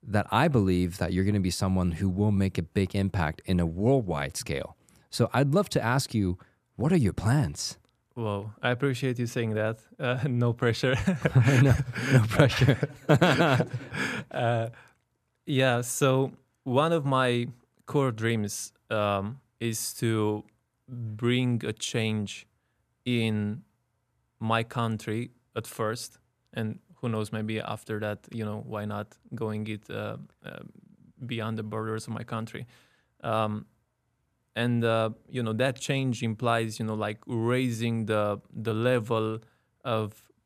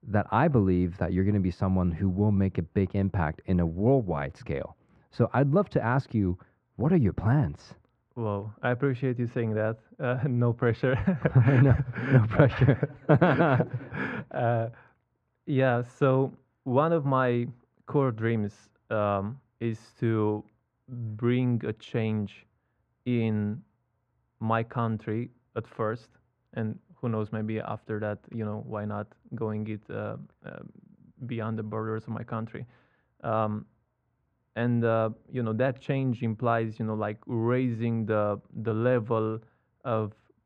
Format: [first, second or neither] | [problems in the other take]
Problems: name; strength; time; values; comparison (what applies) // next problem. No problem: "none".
first | muffled; very; fading above 1.5 kHz